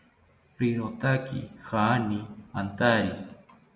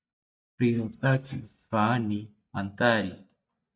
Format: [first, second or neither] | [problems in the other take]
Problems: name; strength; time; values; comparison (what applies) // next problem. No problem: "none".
first | noise reduction (neural mask model DeepFilterNet 3)